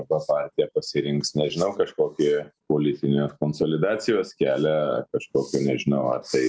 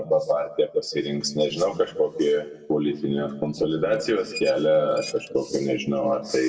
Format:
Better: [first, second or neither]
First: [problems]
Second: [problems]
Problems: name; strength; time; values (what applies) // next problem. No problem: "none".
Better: first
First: none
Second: background sound (Squeak); 19 dB below the speech // room echo; dies away in 0.9 s